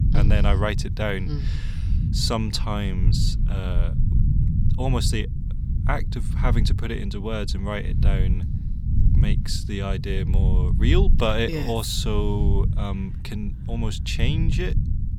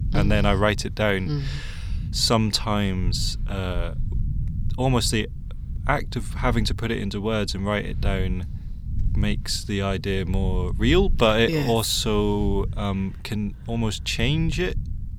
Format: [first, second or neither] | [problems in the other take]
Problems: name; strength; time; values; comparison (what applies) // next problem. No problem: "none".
second | low rumble; loud; throughout; 9 dB below the speech; faint in the second